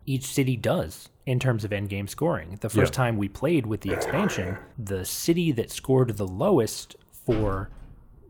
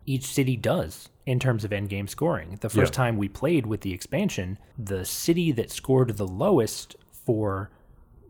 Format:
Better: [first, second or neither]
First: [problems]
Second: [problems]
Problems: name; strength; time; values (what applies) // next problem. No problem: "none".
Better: second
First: dog barking; noticeable; at 4 s; peak 3 dB below the speech // door banging; faint; at 7.5 s; peak 10 dB below the speech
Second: none